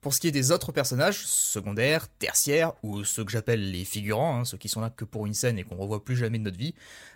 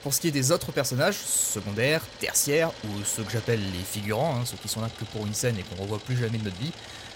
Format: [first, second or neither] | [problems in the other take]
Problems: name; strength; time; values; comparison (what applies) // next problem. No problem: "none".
first | traffic noise; noticeable; throughout; 15 dB below the speech